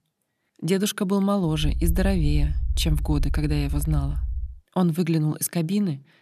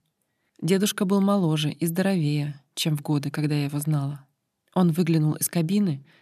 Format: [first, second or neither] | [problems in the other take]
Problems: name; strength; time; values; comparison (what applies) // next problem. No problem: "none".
second | low rumble; noticeable; from 1.5 to 4.5 s; 20 dB below the speech